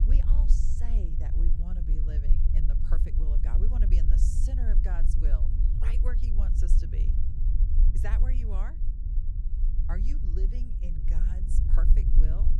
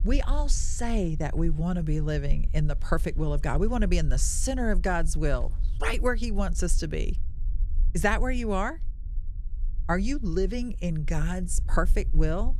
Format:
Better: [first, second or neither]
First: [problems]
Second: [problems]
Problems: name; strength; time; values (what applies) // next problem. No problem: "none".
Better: second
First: low rumble; loud; throughout; 2 dB below the speech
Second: low rumble; faint; throughout; 25 dB below the speech